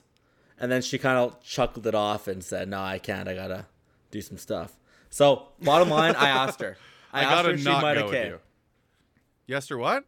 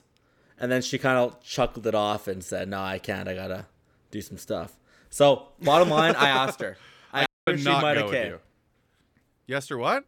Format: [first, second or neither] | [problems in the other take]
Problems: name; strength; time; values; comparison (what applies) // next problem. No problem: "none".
first | audio cutting out; at 7.5 s